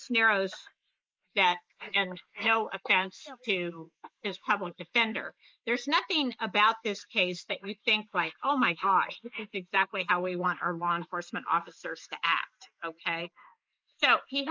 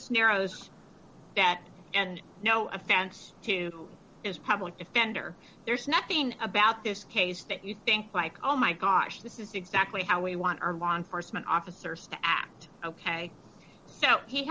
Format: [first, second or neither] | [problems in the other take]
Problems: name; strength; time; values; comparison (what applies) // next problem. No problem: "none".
second | noise reduction (neural mask model Resemble Enhance denoiser)